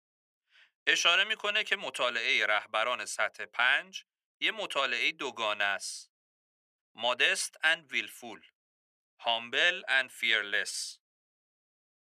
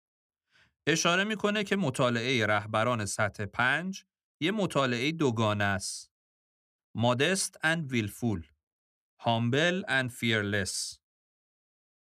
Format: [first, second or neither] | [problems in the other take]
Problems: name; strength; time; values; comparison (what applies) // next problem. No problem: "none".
second | thin; very; fading below 650 Hz